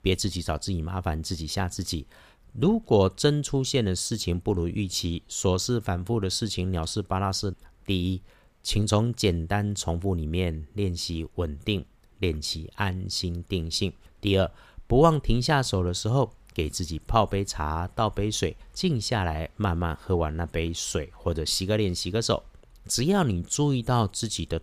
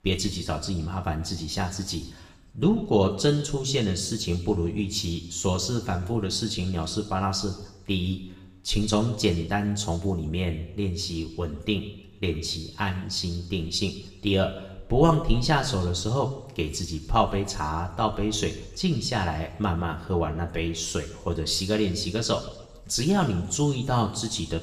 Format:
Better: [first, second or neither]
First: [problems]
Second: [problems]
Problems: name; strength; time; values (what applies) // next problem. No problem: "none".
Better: first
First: none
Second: room echo; slight; dies away in 0.9 s // off-mic speech; somewhat distant